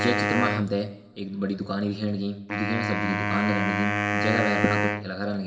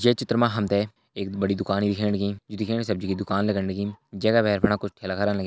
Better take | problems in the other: second | background sound (Wind instrument, woodwind instrument); as loud as the speech // room echo; dies away in 1.9 s

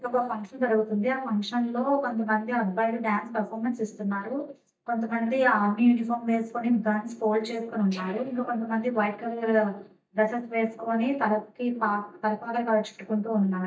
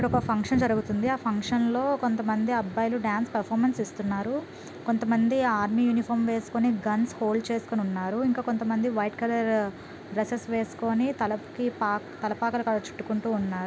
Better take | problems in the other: second | noise reduction (neural mask model DeepFilterNet 3)

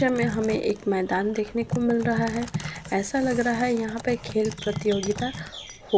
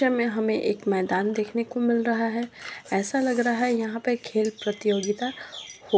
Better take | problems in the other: second | background sound (Typing); 10 dB below the speech

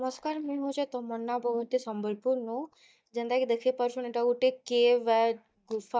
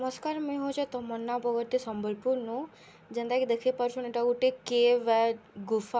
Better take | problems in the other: second | noise reduction (neural mask model DeepFilterNet 3)

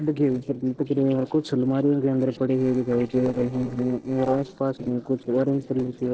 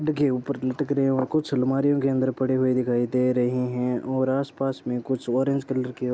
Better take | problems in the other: second | noise reduction (neural separator model SepFormer DNS4)

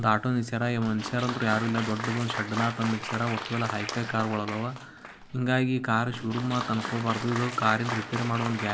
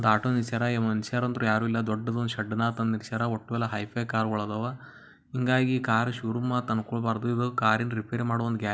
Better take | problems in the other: second | background sound (Applause); 8 dB below the speech

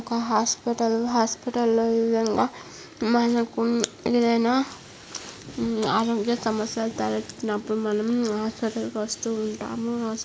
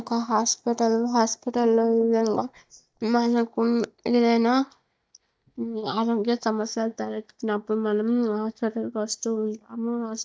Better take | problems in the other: first | noise reduction (neural mask model DeepFilterNet 3)

